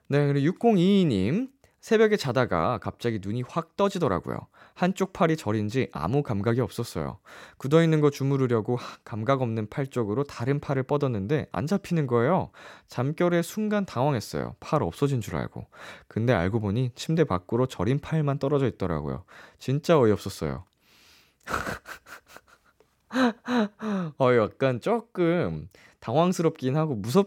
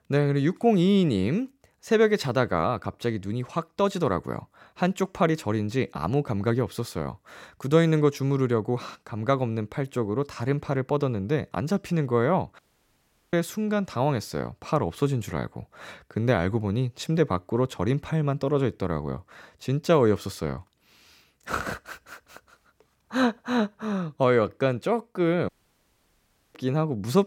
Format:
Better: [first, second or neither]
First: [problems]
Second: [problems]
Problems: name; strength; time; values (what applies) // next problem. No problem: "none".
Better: first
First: none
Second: audio cutting out; at 13 s for 0.5 s and at 25 s for 1 s